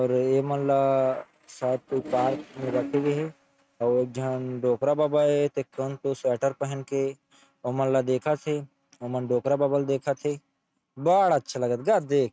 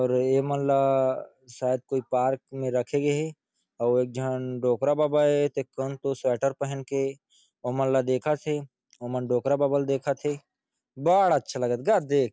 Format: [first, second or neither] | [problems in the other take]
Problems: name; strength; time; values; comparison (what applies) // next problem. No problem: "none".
second | noise reduction (neural mask model RNNoise)